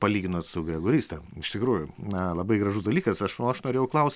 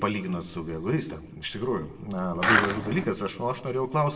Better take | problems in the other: first | background sound (Skateboard); 4 dB above the speech // room echo; dies away in 0.6 s

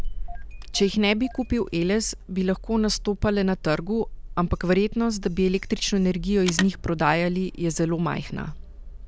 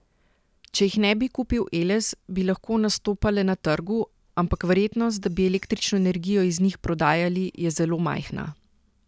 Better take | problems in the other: second | background sound (Telephone + Engine starting / Car); 10 dB below the speech

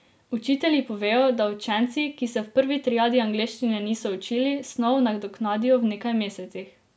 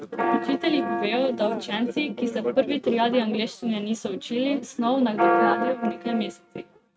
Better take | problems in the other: first | noise reduction (neural mask model RNNoise)

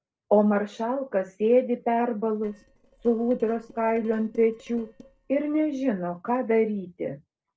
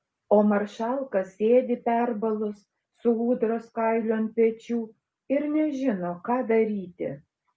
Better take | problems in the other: second | noise reduction (neural separator model SepFormer DNS4)

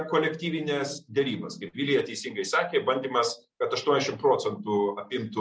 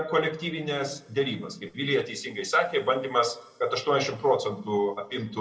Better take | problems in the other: first | room echo; dies away in 2.3 s

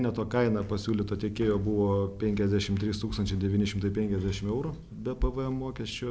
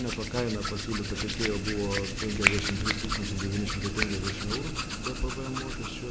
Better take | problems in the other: first | background sound (Hands); 1 dB above the speech

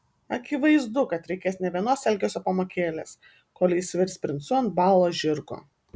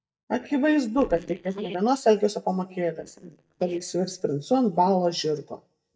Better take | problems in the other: first | noise reduction (neural mask model DeepFilterNet 3)

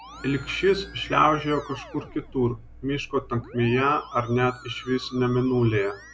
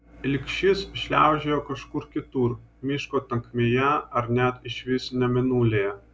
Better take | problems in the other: second | background sound (Musical instrument); 19 dB below the speech

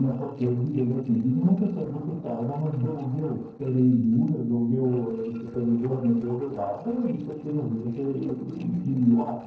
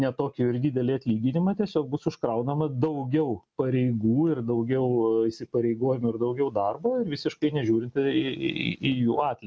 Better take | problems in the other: second | noise reduction (neural separator model SepFormer DNS4)

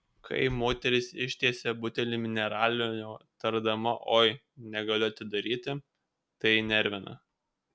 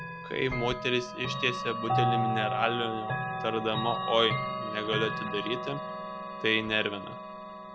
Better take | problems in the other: first | background sound (Chime / Clock); 2 dB below the speech

